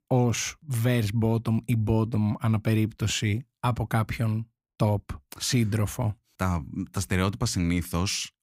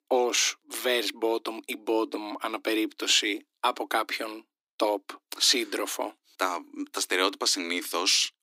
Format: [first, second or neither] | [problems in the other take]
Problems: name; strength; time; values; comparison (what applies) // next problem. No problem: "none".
first | thin; very; fading below 300 Hz